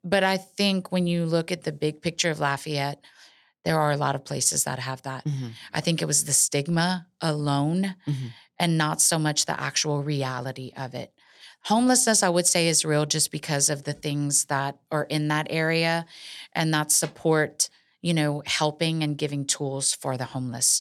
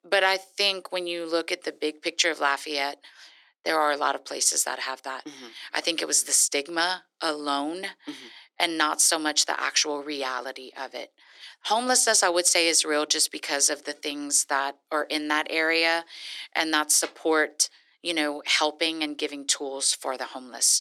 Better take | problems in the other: first | thin; somewhat; fading below 300 Hz

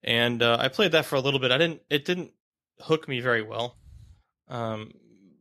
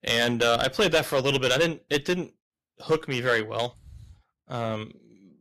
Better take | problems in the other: first | distortion; heavy; 4% of the sound clipped

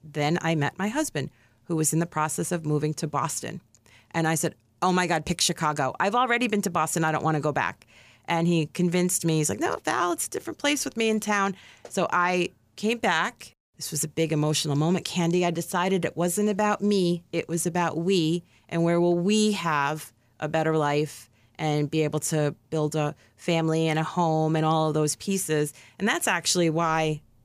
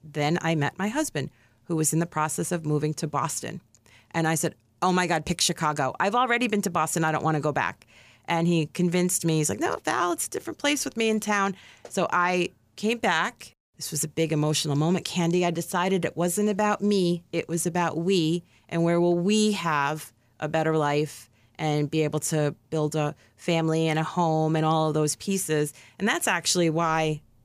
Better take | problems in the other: neither | none

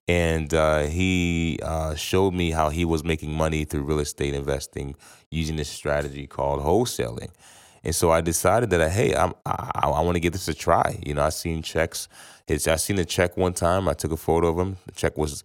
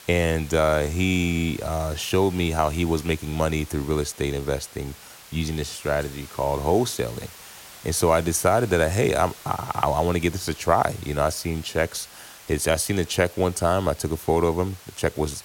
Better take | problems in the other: first | hiss; noticeable; throughout; 20 dB below the speech

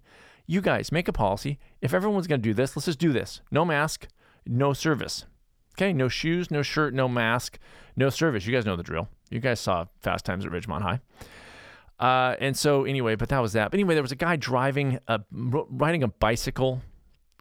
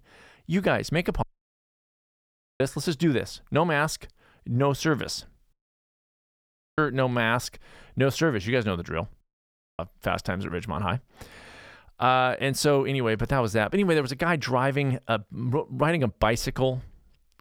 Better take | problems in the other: first | audio cutting out; at 1 s for 1.5 s, at 5.5 s for 1.5 s and at 9 s for 0.5 s

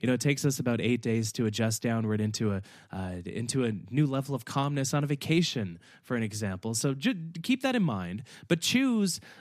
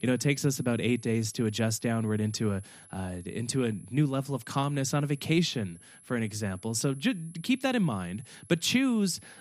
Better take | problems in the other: first | high-pitched whine; faint; throughout; 11 kHz, 20 dB below the speech

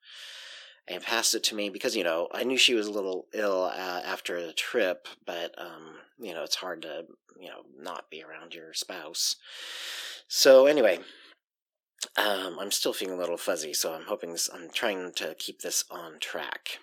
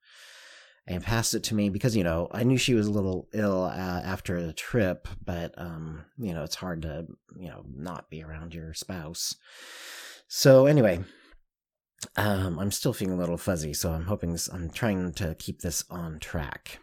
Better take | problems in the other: second | thin; somewhat; fading below 350 Hz

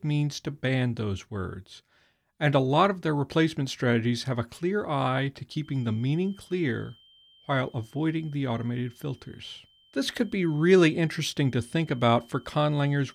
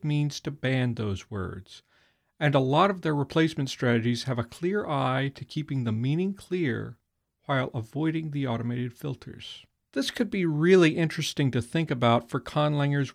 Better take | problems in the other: second | high-pitched whine; faint; from 5.5 s on; 3 kHz, 30 dB below the speech

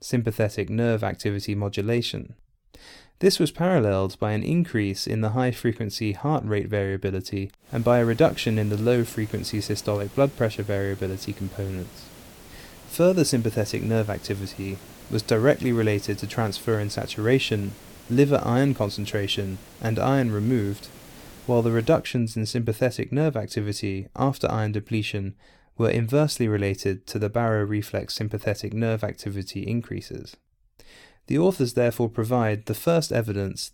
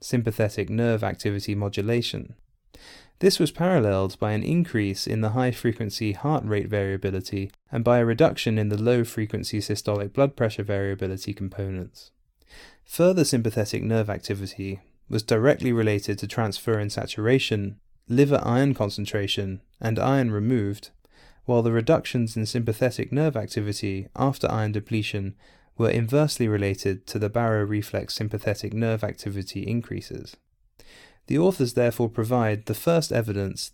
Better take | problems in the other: second | hiss; faint; from 7.5 to 22 s; 20 dB below the speech

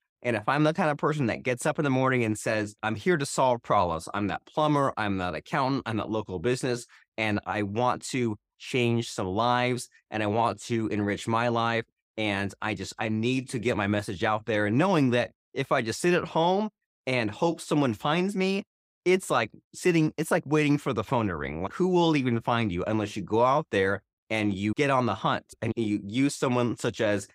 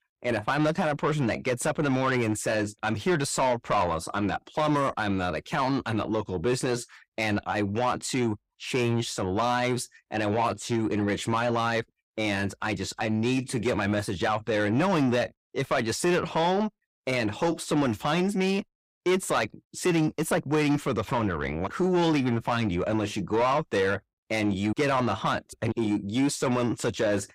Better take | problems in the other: first | distortion; slight; 10 dB below the speech

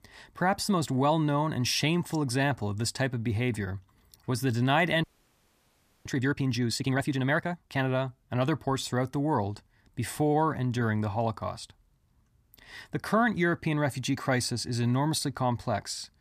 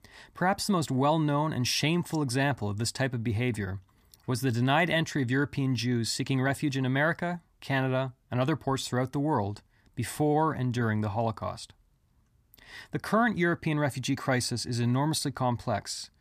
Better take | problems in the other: second | audio freezing; at 5 s for 1 s

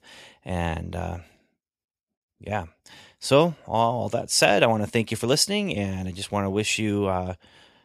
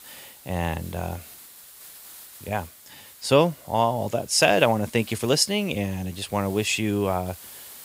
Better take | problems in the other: first | hiss; noticeable; throughout; 20 dB below the speech

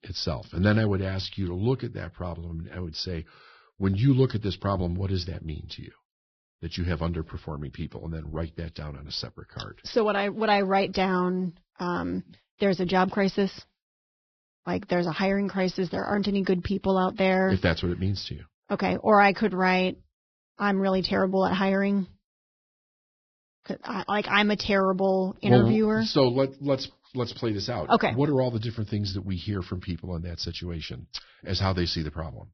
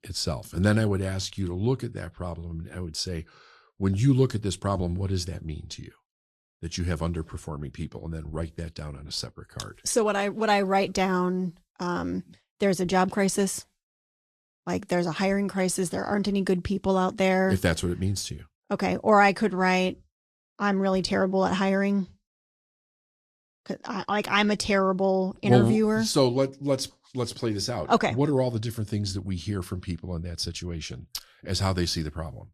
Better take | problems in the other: second | garbled, watery; badly; nothing above 5.5 kHz; slightly in the second

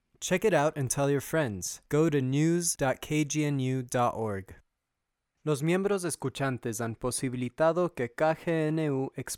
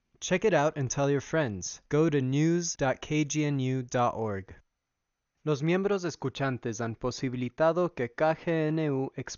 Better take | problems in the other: first | garbled, watery; slightly; nothing above 6.5 kHz

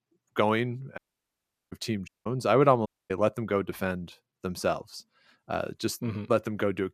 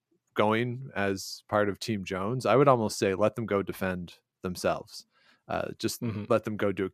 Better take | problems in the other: second | audio cutting out; at 1 s for 0.5 s, at 2 s and at 3 s

